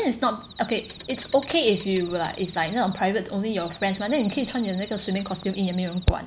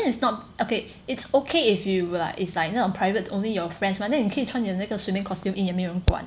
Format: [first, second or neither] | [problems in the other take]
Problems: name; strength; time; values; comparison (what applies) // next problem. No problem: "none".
second | background sound (Cricket + Clock); 19 dB below the speech